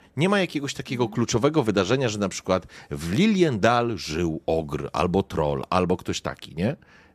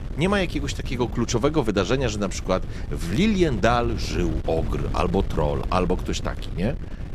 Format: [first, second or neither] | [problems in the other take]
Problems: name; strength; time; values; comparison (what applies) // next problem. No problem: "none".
first | wind noise on the microphone; occasional gusts; 15 dB below the speech